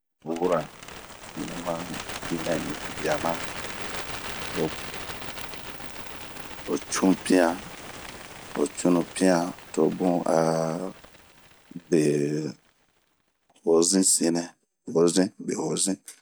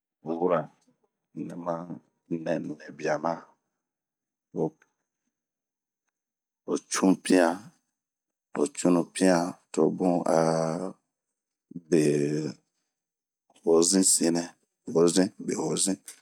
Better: second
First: background sound (Bird); 11 dB below the speech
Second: none

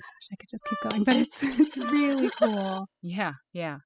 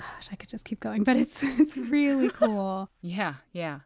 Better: second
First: noise reduction (classical method spectral subtraction)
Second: none

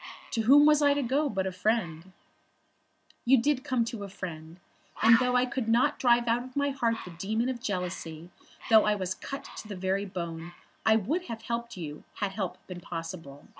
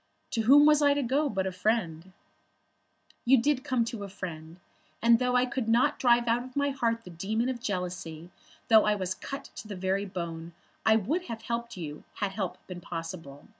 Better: second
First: background sound (Bird); 16 dB below the speech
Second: none

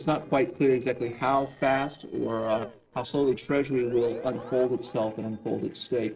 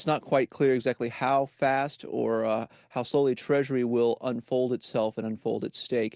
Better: second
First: noise reduction (neural separator model SepFormer DNS4)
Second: none

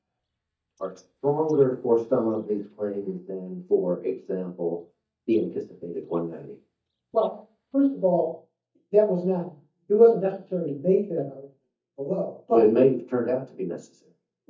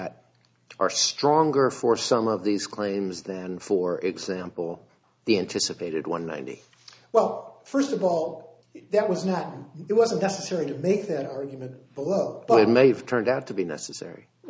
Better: second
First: noise reduction (neural mask model DeepFilterNet 3)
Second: none

